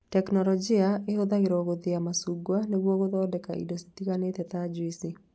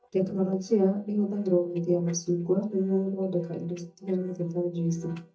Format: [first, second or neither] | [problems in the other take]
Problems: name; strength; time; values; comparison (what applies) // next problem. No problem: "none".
first | noise reduction (neural mask model DeepFilterNet 3)